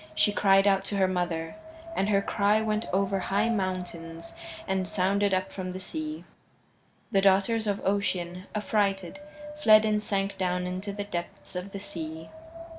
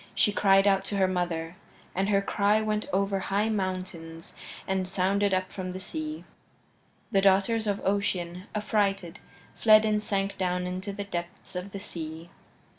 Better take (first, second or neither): second